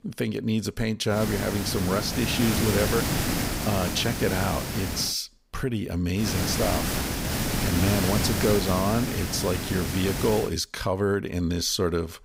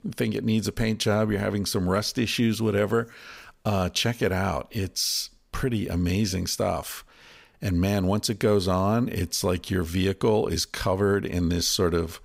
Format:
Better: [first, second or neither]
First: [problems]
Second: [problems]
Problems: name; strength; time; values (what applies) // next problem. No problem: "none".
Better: second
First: hiss; loud; from 1 to 5 s and from 6 to 10 s; 1 dB below the speech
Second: none